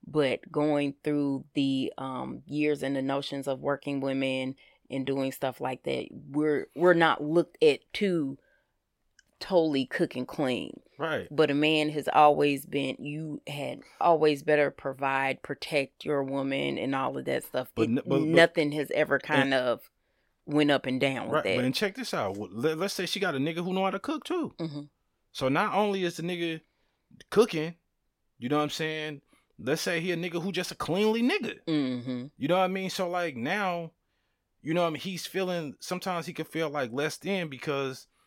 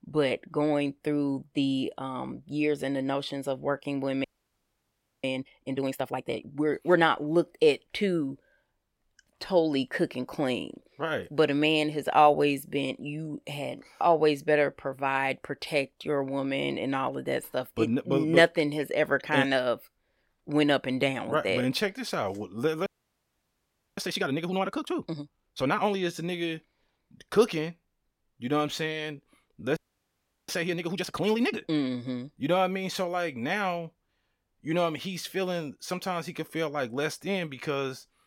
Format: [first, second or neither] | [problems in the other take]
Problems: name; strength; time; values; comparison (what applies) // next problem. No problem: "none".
first | audio freezing; at 4 s for 1 s, at 23 s for 1 s and at 30 s for 0.5 s